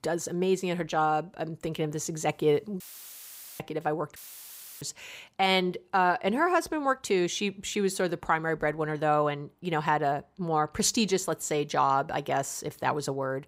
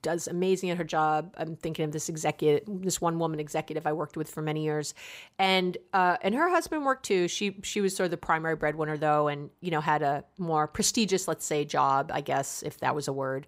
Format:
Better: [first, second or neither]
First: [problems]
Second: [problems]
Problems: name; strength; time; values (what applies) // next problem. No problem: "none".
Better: second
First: audio cutting out; filled with static; at 3 s for 1 s and at 4 s for 0.5 s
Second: none